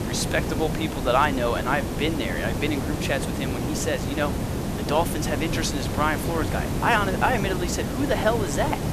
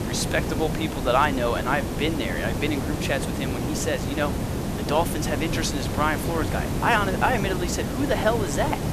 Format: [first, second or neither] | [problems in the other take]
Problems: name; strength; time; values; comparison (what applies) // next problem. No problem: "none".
neither | hiss; loud; throughout; 2 dB below the speech; the same in both